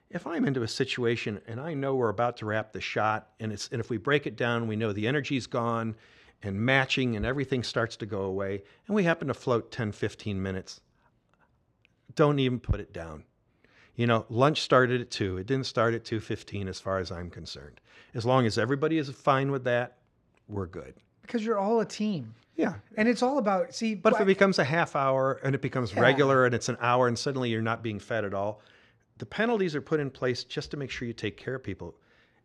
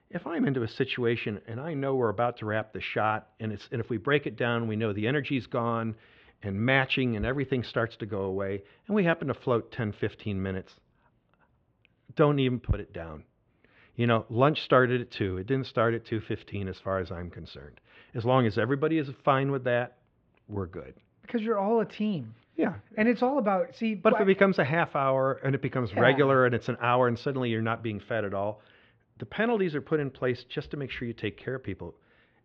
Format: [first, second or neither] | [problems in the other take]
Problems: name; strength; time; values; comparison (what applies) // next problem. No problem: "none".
first | muffled; slightly; fading above 3 kHz